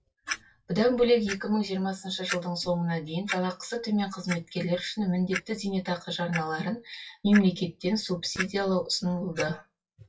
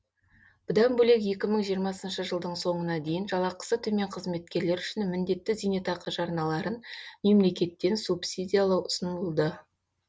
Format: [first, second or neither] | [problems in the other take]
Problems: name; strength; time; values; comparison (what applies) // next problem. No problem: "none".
second | noise reduction (classical method WPE with log-MMSE)